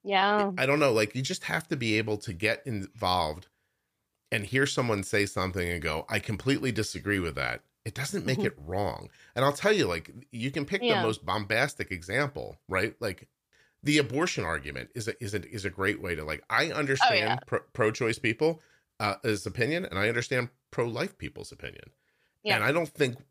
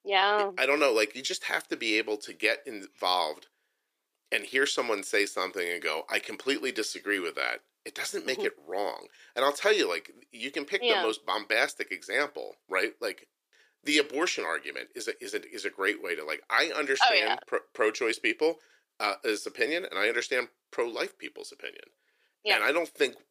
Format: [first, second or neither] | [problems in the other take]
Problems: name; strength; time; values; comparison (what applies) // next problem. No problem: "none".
first | thin; somewhat; fading below 350 Hz